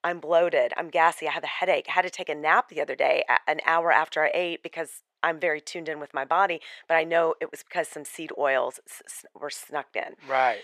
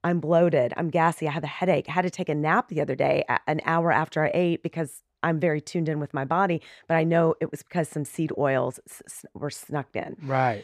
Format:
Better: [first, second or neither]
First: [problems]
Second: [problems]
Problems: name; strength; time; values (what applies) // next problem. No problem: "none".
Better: second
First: thin; very; fading below 650 Hz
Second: none